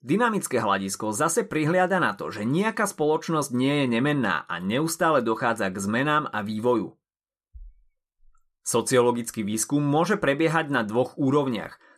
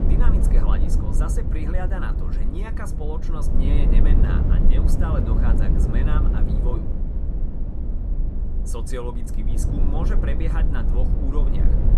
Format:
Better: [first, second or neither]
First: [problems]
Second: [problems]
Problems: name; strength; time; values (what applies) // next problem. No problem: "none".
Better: first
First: none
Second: low rumble; loud; throughout; 1 dB below the speech